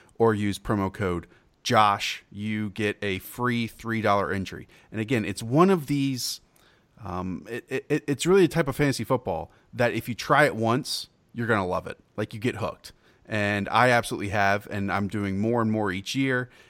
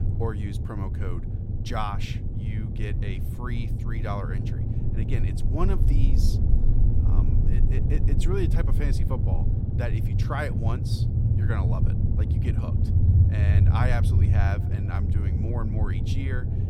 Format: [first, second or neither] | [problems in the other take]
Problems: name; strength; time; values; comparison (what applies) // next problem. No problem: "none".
first | low rumble; loud; throughout; 2 dB below the speech